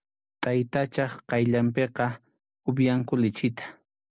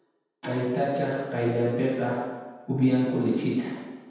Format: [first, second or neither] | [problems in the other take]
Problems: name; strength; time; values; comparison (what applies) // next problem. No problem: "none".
first | room echo; dies away in 1.2 s